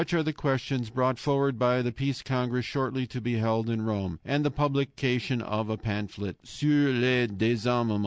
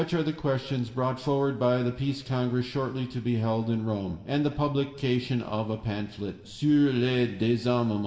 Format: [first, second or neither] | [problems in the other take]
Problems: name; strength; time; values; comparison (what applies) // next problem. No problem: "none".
first | room echo; dies away in 2.9 s